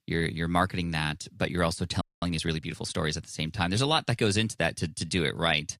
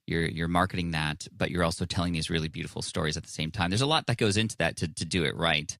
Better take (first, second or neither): second